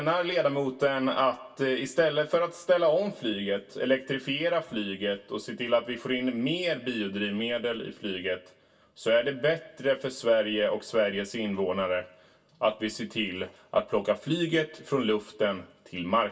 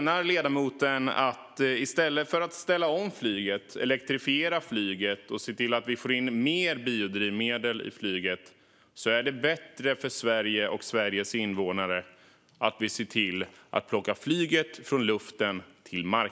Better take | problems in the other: second | room echo; dies away in 0.1 s

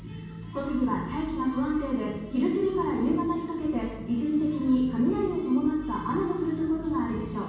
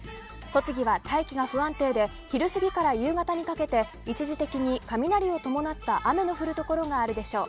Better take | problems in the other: second | room echo; dies away in 1.2 s

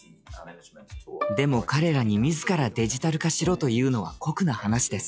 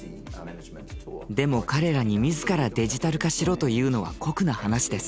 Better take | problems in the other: second | noise reduction (classical method log-MMSE)

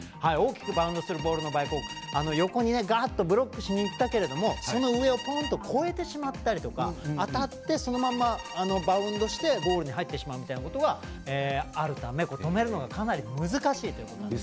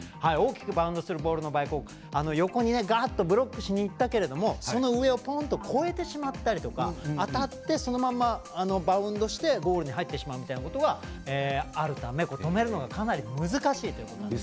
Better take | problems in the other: second | background sound (Bowed string instrument); 12 dB below the speech

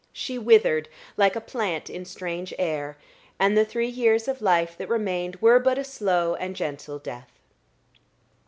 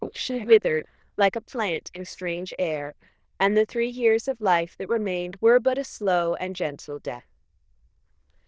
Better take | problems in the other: first | noise reduction (neural diffusion model UNIVERSE++)

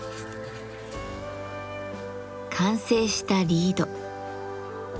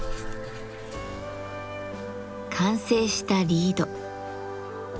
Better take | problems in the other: first | background sound (Telephone); 12 dB below the speech

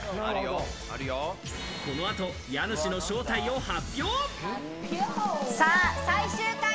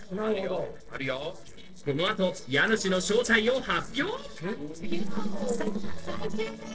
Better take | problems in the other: first | noise reduction (neural separator model SepFormer DNS4)

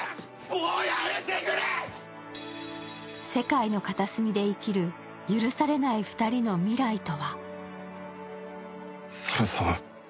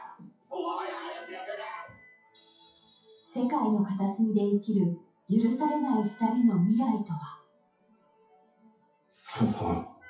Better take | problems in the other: first | noise reduction (classical method WPE with log-MMSE)

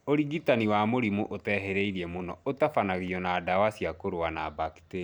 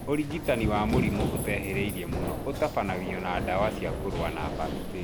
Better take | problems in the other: first | background sound (Run); 1 dB below the speech

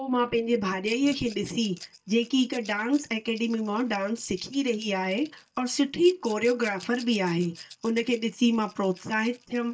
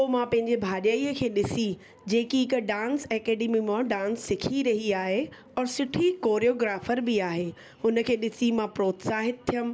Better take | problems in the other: second | noise reduction (neural mask model DeepFilterNet 3)

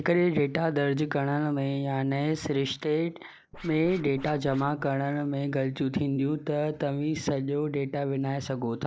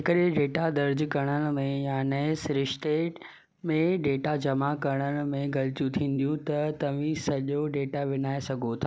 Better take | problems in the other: second | noise reduction (neural mask model Resemble Enhance denoiser)

